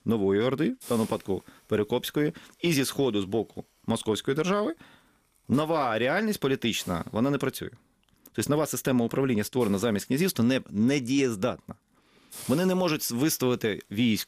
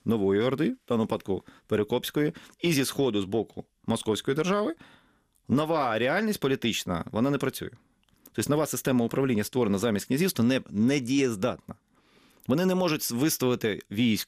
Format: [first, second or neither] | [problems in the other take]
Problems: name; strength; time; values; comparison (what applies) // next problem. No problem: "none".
second | hiss; noticeable; throughout; 20 dB below the speech